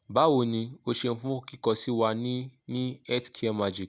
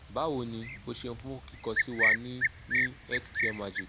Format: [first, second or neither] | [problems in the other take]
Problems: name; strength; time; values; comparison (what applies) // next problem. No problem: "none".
first | background sound (Cricket); 5 dB above the speech